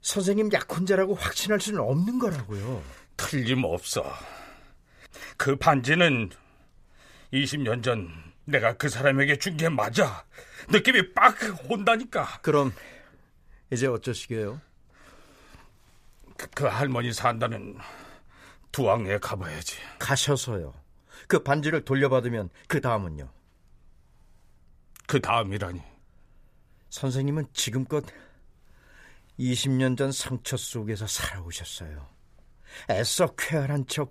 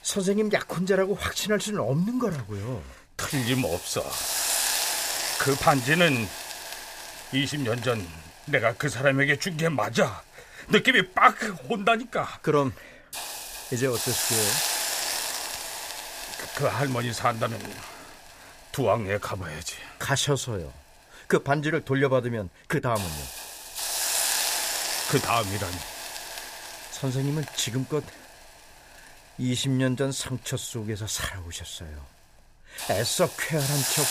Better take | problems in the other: first | hiss; loud; throughout; 3 dB below the speech

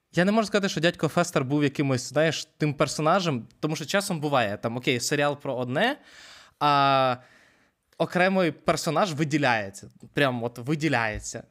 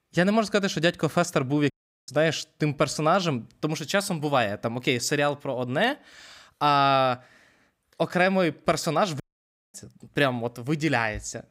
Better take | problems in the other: first | audio cutting out; at 1.5 s and at 9 s for 0.5 s

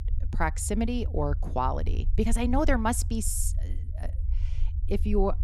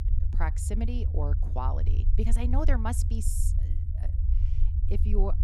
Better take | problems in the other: first | low rumble; loud; throughout; 10 dB below the speech; faint in the first

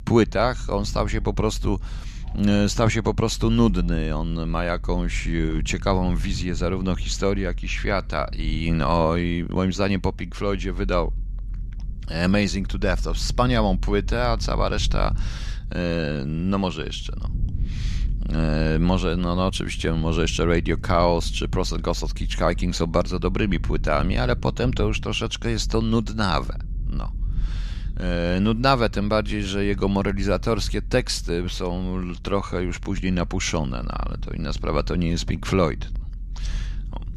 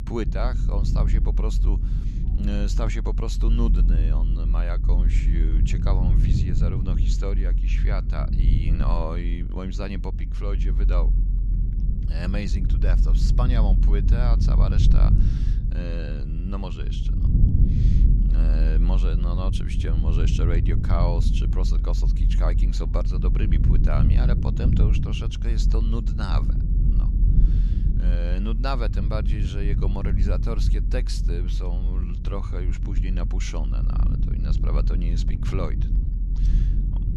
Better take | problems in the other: first | low rumble; loud; throughout; 4 dB below the speech; faint in the first

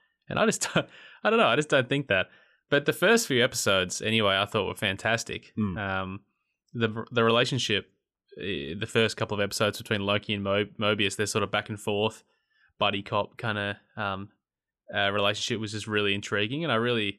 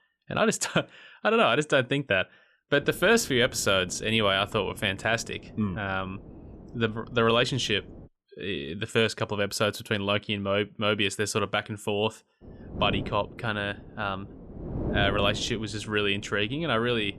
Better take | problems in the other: first | wind noise on the microphone; occasional gusts; from 3 to 8 s and from 12 s on; 20 dB below the speech

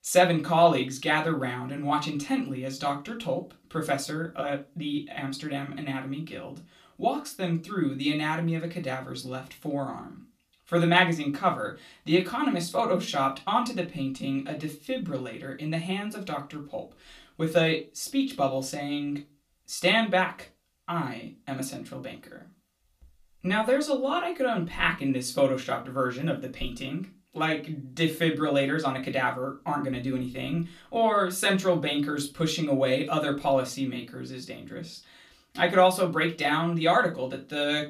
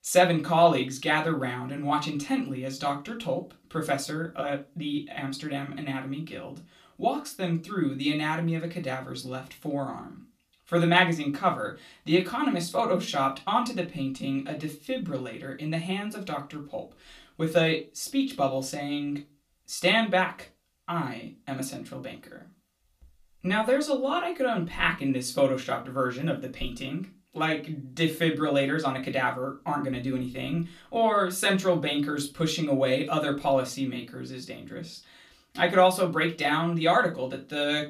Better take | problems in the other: neither | off-mic speech; far; the same in both // room echo; very slight; dies away in 0.2 s; the same in both

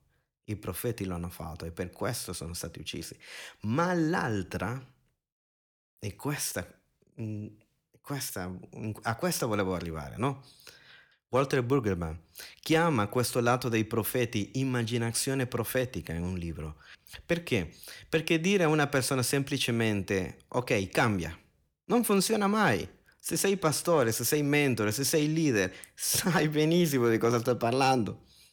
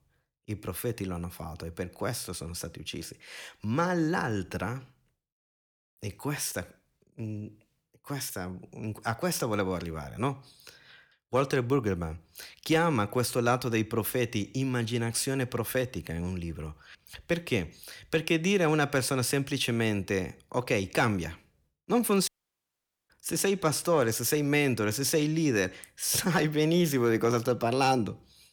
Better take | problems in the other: first | audio cutting out; at 22 s for 1 s

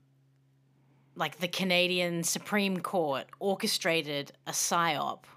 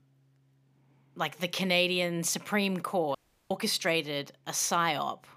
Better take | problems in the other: first | audio cutting out; at 3 s

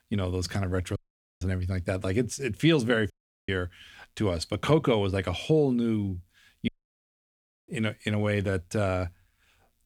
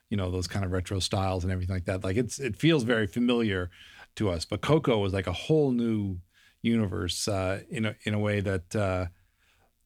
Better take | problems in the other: second | audio cutting out; at 1 s, at 3 s and at 6.5 s for 1 s

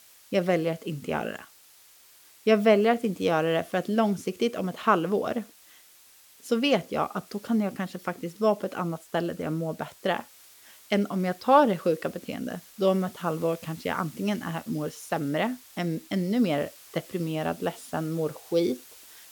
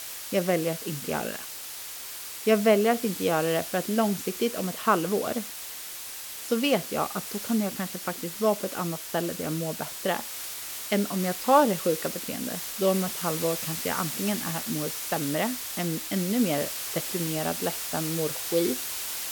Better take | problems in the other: first | hiss; loud; throughout; 5 dB below the speech; faint in the first

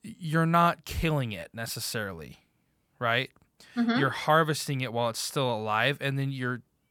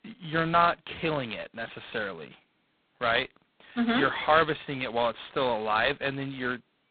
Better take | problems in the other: first | phone-call audio; poor line; nothing above 4 kHz

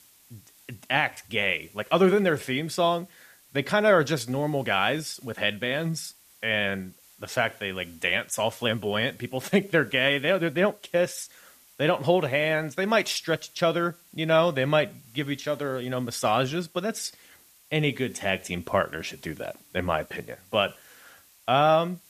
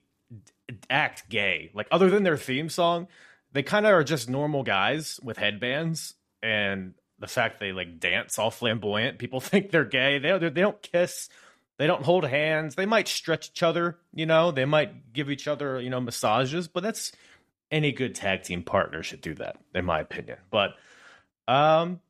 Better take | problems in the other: second | hiss; faint; throughout; 25 dB below the speech

